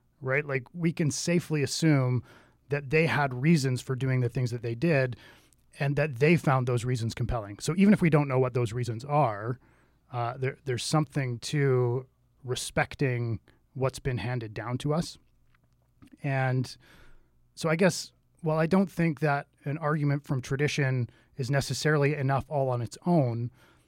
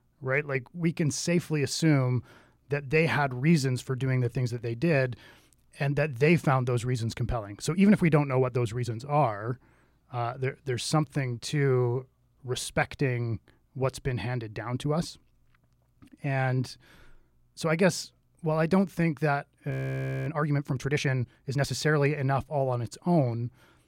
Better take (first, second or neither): first